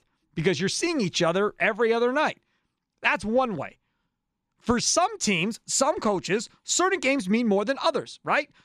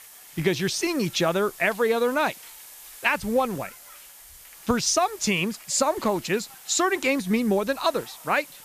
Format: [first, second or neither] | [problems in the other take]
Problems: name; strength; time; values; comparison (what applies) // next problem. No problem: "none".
first | hiss; noticeable; throughout; 20 dB below the speech